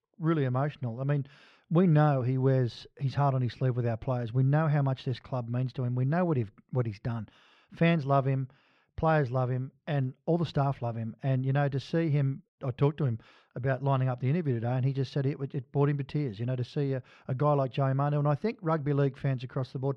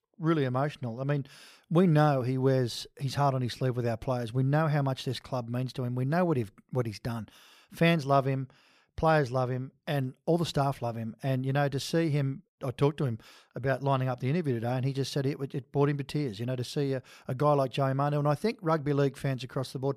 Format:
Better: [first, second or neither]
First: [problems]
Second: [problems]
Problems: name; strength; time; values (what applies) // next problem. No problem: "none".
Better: second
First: muffled; slightly; fading above 3 kHz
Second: none